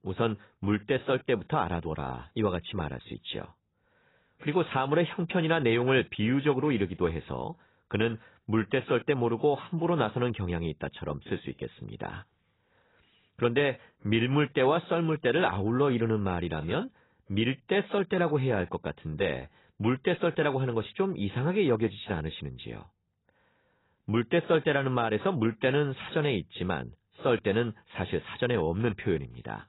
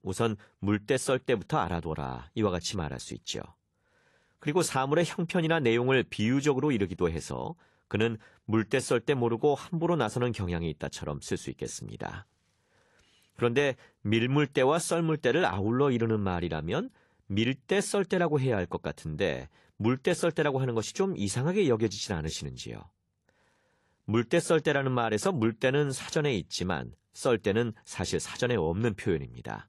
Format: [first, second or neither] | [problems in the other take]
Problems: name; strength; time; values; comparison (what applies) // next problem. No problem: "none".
second | garbled, watery; badly; nothing above 4 kHz; slightly in the second